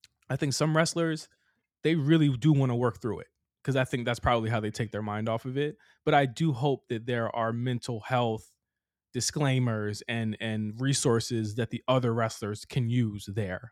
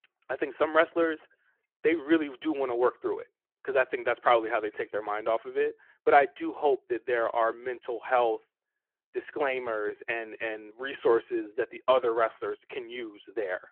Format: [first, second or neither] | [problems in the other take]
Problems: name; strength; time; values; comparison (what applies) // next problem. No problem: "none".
first | phone-call audio